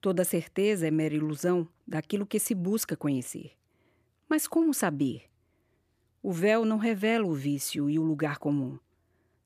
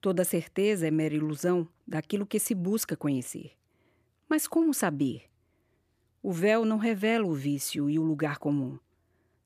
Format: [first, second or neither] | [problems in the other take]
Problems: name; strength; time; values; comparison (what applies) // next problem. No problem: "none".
neither | none